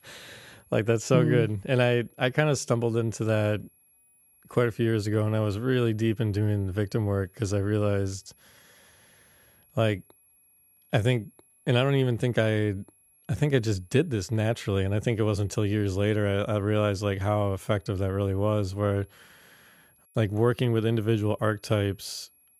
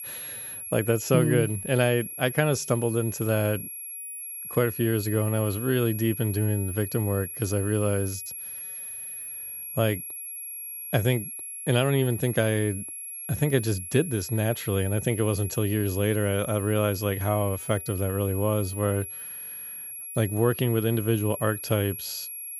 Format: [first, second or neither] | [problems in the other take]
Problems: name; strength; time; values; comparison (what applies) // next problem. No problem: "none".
first | high-pitched whine; loud; throughout; 11.5 kHz, 8 dB below the speech; faint in the first